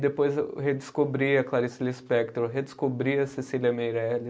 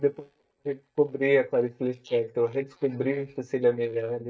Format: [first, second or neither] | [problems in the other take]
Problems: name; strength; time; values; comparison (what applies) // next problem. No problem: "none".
first | noise reduction (neural mask model DeepFilterNet 3)